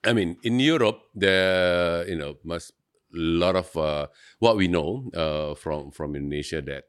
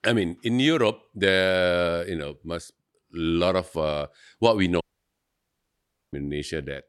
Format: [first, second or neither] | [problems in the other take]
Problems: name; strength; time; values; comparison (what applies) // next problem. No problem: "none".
first | audio cutting out; at 5 s for 1.5 s